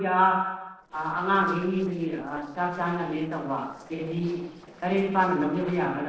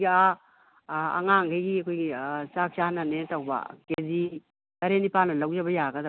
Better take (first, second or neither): second